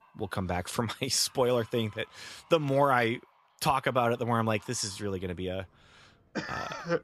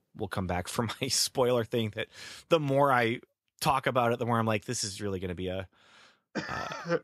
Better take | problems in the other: second | animal sounds; faint; throughout; 25 dB below the speech

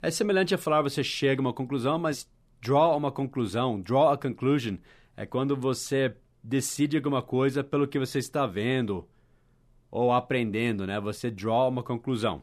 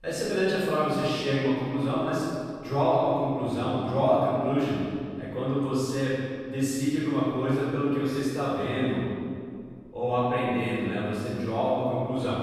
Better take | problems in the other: first | room echo; strong; dies away in 1.9 s // off-mic speech; far

